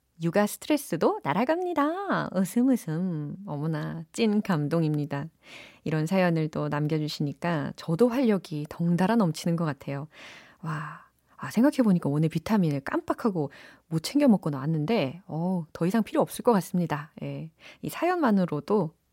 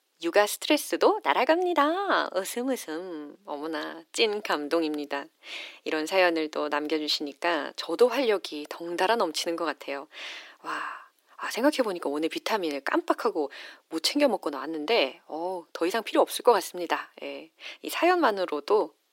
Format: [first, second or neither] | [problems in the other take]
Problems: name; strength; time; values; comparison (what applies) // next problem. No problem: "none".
first | thin; very; fading below 350 Hz